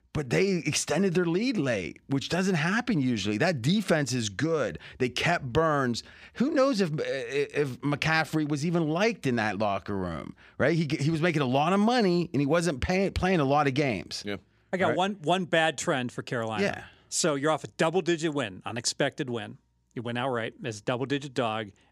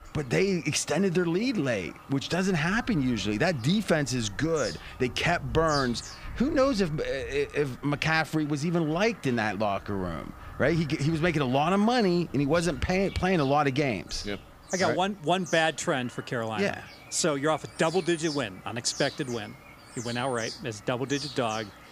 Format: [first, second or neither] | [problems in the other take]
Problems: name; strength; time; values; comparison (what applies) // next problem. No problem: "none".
first | animal sounds; noticeable; throughout; 15 dB below the speech